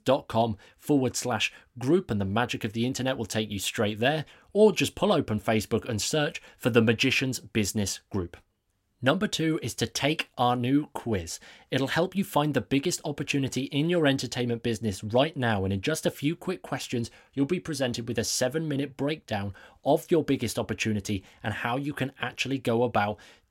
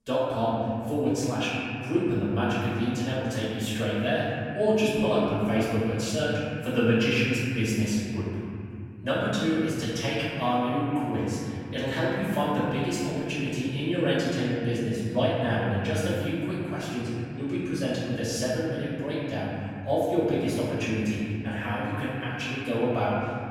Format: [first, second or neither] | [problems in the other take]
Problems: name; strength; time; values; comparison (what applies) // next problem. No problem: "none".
first | room echo; strong; dies away in 3 s // off-mic speech; far